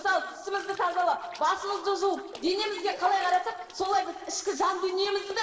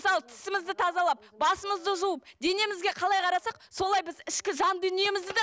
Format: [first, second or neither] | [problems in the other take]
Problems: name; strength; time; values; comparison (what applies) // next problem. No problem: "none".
second | noise reduction (neural separator model SepFormer DNS4)